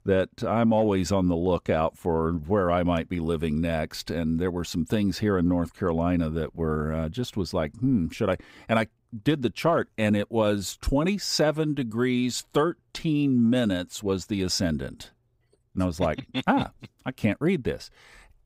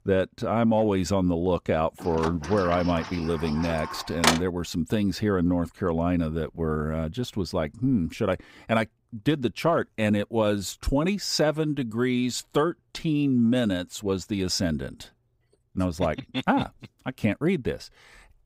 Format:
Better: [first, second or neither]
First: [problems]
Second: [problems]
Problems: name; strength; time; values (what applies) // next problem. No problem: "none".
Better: first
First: none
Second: door banging; loud; from 2 to 4.5 s; peak 3 dB above the speech